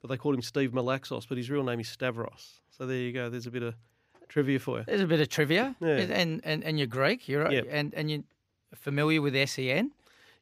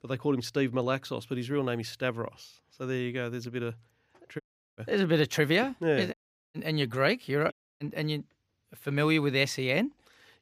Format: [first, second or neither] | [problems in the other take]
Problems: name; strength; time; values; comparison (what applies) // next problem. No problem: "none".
first | audio cutting out; at 4.5 s, at 6 s and at 7.5 s